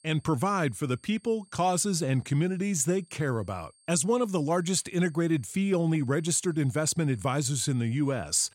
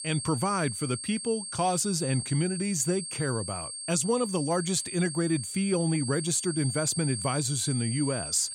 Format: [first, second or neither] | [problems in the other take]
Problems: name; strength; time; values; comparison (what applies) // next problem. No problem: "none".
first | high-pitched whine; loud; throughout; 8.5 kHz, 6 dB below the speech; faint in the first